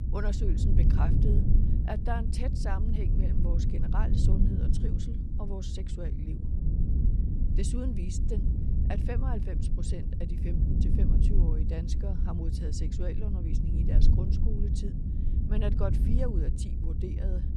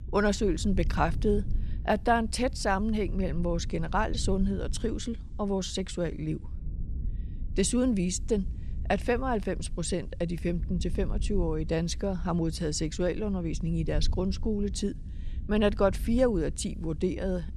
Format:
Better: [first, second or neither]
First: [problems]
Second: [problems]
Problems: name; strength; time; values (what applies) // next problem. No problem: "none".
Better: second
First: low rumble; loud; throughout; 2 dB below the speech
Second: low rumble; faint; throughout; 20 dB below the speech